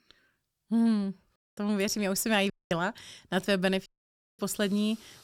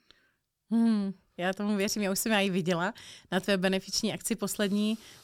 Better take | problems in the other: second | audio cutting out; at 1.5 s, at 2.5 s and at 4 s for 0.5 s

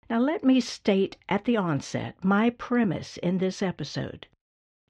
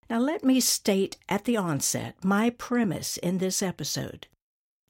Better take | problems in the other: second | muffled; slightly; fading above 3.5 kHz

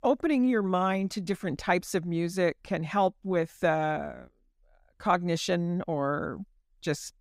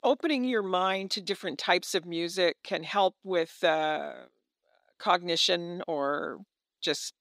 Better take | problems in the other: first | thin; somewhat; fading below 350 Hz

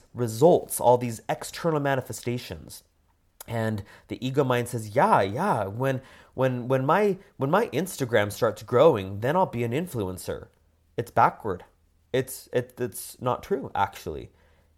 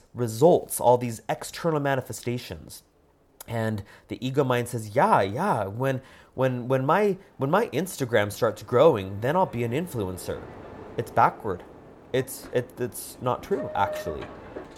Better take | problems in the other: first | train or aircraft noise; noticeable; throughout; 15 dB below the speech

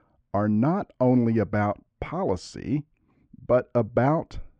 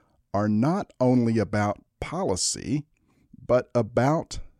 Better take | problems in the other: second | muffled; very; fading above 2.5 kHz

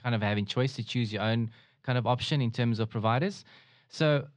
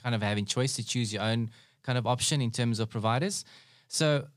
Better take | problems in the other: second | muffled; slightly; fading above 3.5 kHz

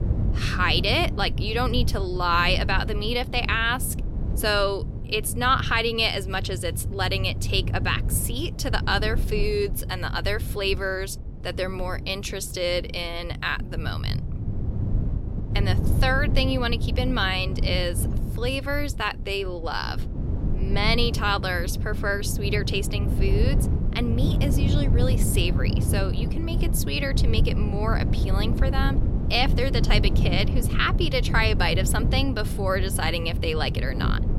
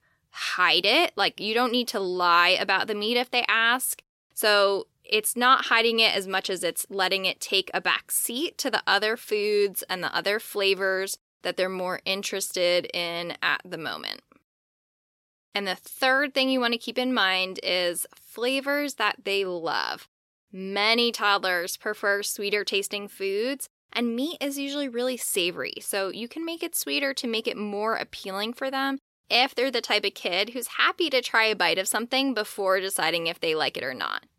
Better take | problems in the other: second | low rumble; noticeable; throughout; 10 dB below the speech

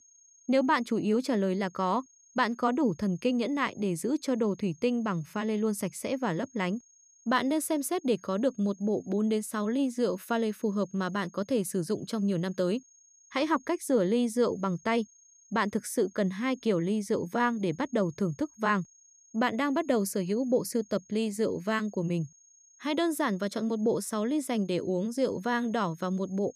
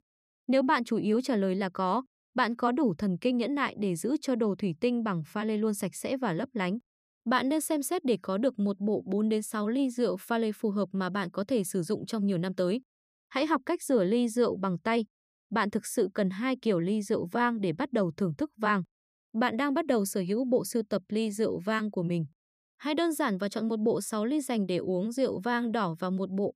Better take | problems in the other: second | high-pitched whine; faint; throughout; 6.5 kHz, 30 dB below the speech

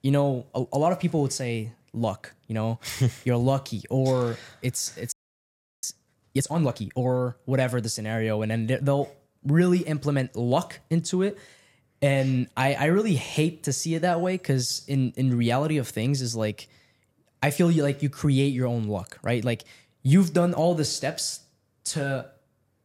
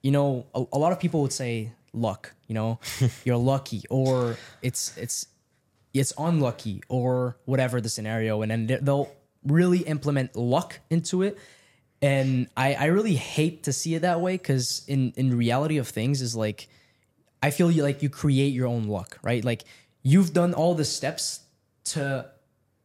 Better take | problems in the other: second | audio freezing; at 5 s for 0.5 s

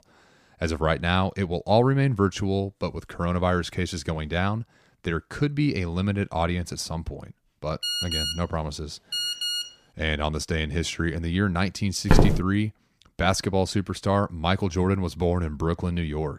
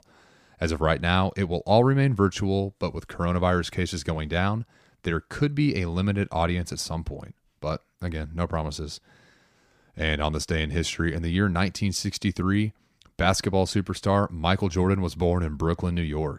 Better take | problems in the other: second | phone ringing; loud; from 8 to 9.5 s; peak 1 dB above the speech // footsteps; loud; at 12 s; peak 6 dB above the speech

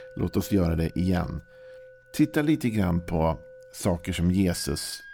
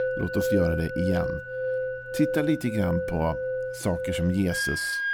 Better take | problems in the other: first | background music; loud; throughout; 2 dB below the speech; faint in the first

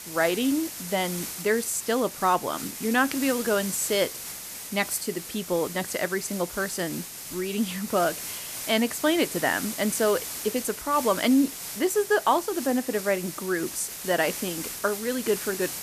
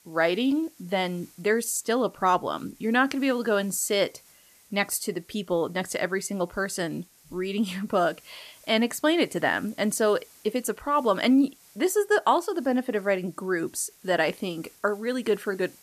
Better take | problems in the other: second | hiss; loud; throughout; 8 dB below the speech; faint in the second

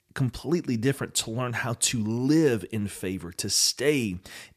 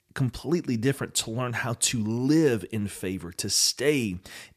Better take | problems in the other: neither | none

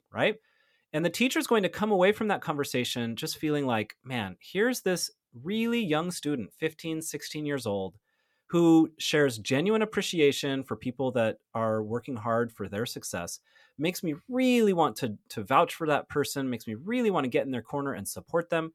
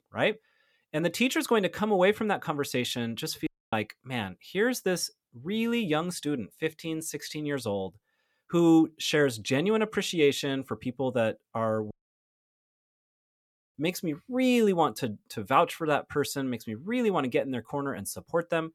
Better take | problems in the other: first | audio cutting out; at 3.5 s and at 12 s for 2 s

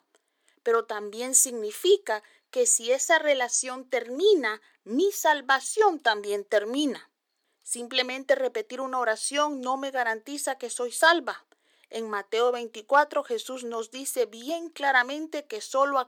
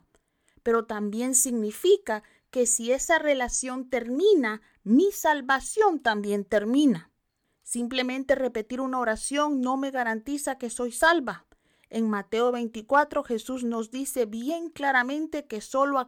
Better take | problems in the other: second | thin; somewhat; fading below 350 Hz

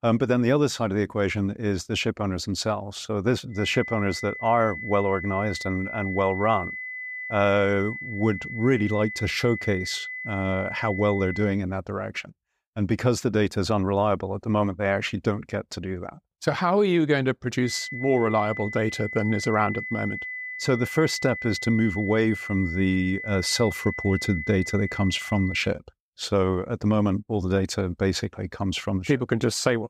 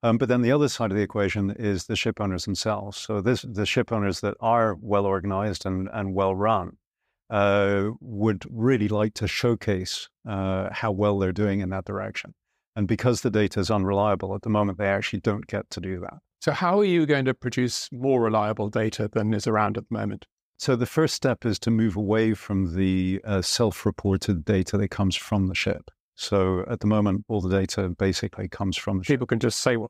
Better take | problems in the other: second | high-pitched whine; loud; from 3.5 to 12 s and from 18 to 26 s; 2 kHz, 8 dB below the speech

